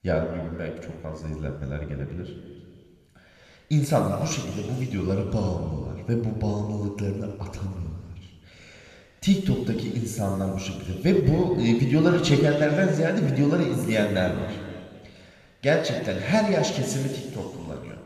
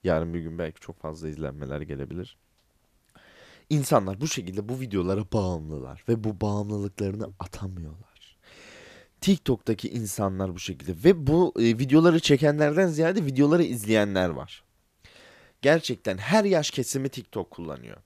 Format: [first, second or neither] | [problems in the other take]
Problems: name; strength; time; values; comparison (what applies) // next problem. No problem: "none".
second | room echo; noticeable; dies away in 2.1 s // off-mic speech; somewhat distant